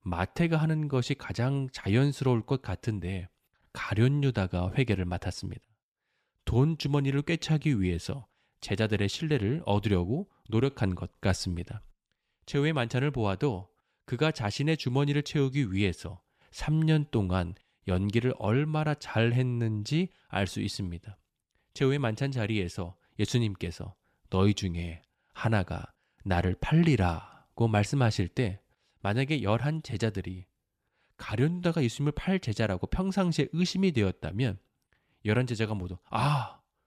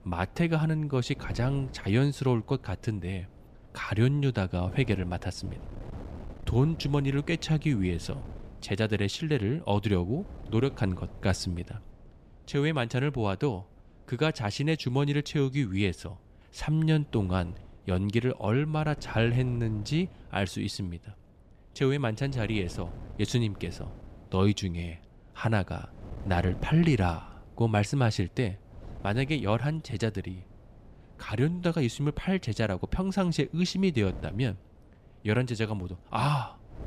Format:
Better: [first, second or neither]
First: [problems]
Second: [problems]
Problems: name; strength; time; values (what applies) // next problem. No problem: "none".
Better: first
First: none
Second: wind noise on the microphone; occasional gusts; 20 dB below the speech